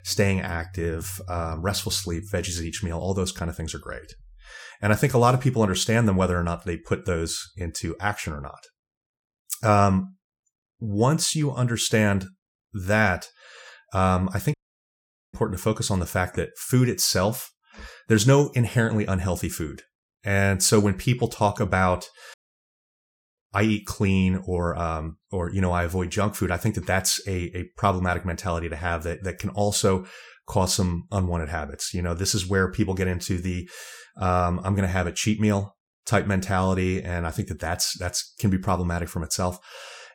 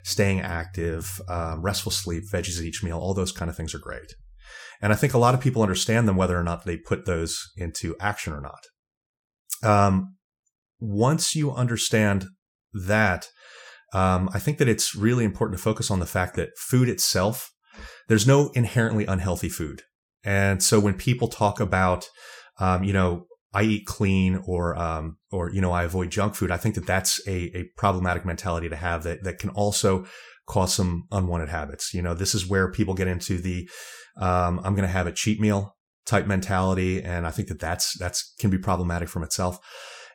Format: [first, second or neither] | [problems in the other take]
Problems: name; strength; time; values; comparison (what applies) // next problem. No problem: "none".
second | audio cutting out; at 15 s for 1 s and at 22 s for 1 s